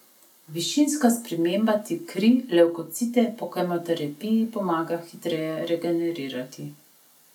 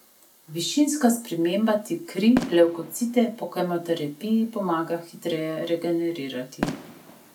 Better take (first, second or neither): first